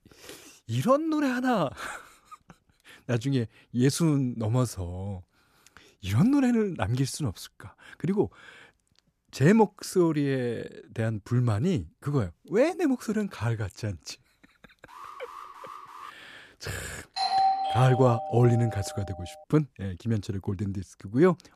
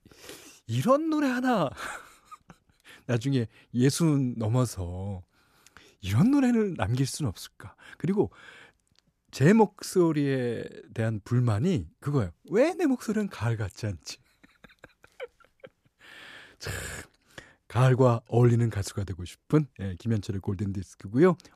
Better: second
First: alarm; faint; from 15 to 16 s; peak 15 dB below the speech // doorbell; loud; from 17 to 19 s; peak 3 dB above the speech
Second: none

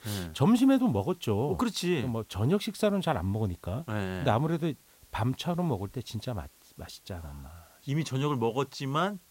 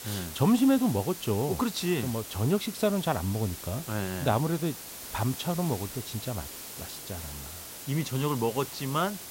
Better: first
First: hiss; faint; throughout; 30 dB below the speech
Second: hiss; loud; throughout; 10 dB below the speech

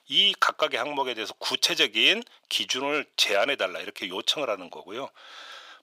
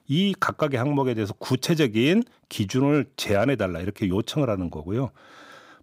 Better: second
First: thin; very; fading below 650 Hz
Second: none

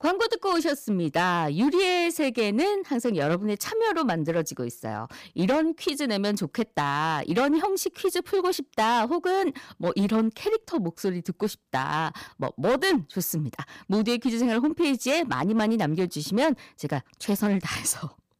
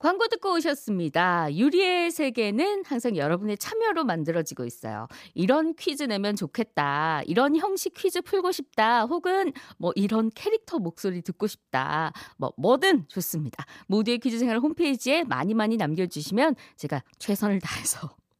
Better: second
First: distortion; slight; 7% of the sound clipped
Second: none

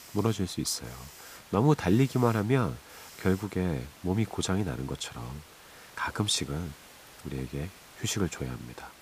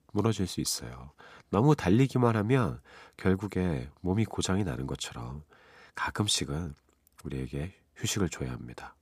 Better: second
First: hiss; noticeable; throughout; 20 dB below the speech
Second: none

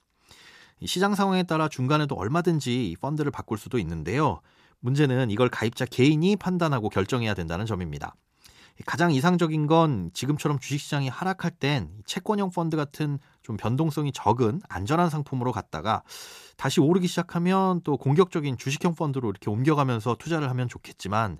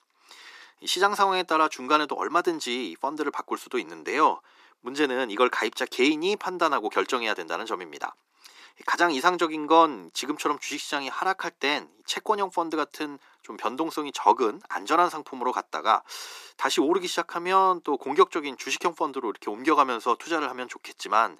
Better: first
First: none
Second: thin; very; fading below 300 Hz

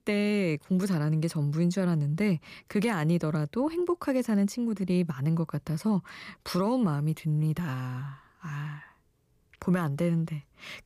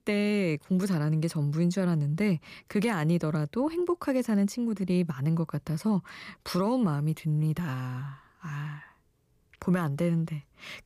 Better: neither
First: none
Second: none

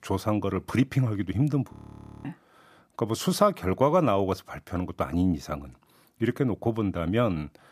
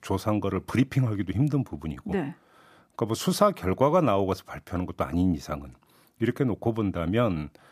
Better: second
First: audio freezing; at 1.5 s for 0.5 s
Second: none

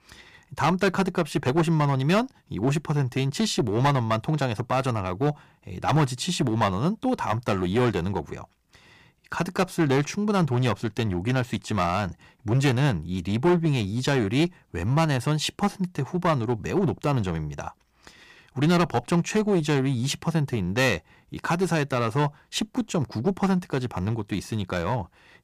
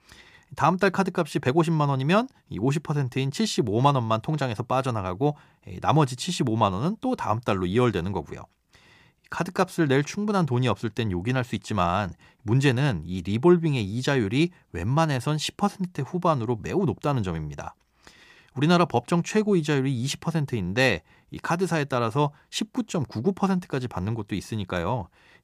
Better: second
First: distortion; slight; 6% of the sound clipped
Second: none

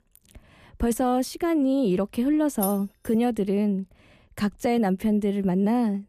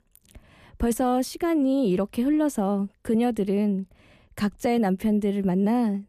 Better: second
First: jangling keys; noticeable; at 2.5 s; peak 8 dB below the speech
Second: none

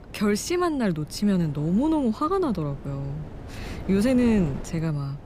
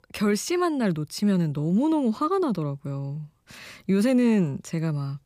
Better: second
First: wind noise on the microphone; occasional gusts; 15 dB below the speech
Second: none

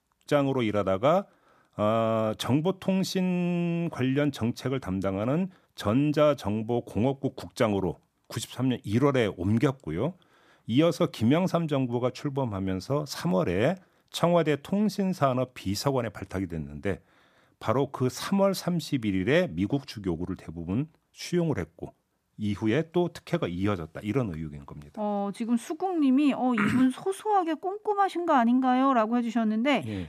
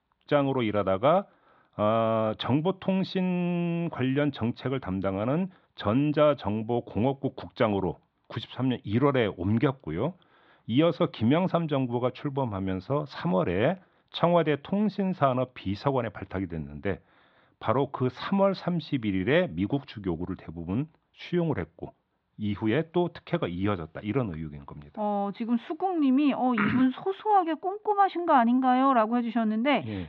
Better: first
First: none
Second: muffled; slightly; fading above 4 kHz

